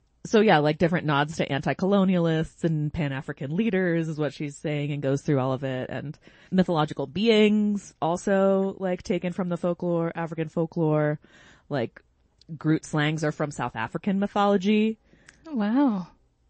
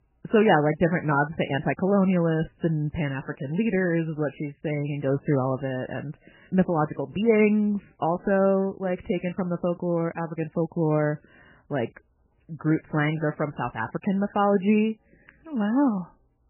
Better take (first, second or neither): first